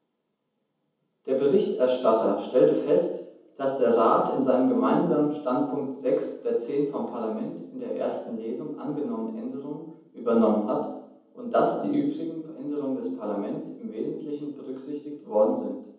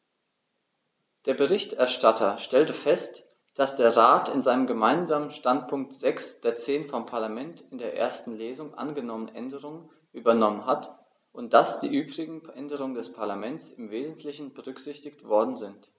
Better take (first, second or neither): second